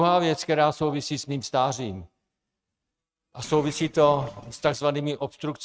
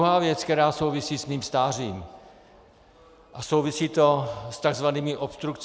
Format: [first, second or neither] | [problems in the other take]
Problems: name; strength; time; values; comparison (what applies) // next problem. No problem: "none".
second | noise reduction (neural mask model RNNoise)